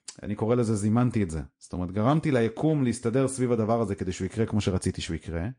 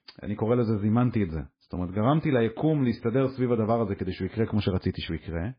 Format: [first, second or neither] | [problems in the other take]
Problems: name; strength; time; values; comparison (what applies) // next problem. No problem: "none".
first | garbled, watery; badly; nothing above 5 kHz; slightly in the first